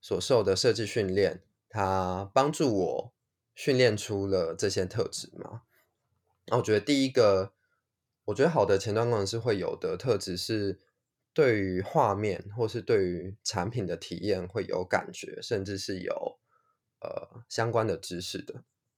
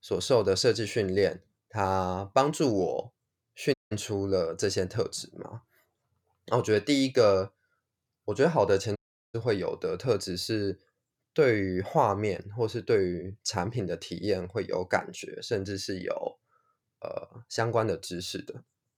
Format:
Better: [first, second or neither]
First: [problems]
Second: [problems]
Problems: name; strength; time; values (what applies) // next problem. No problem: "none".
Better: first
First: none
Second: audio cutting out; at 3.5 s and at 9 s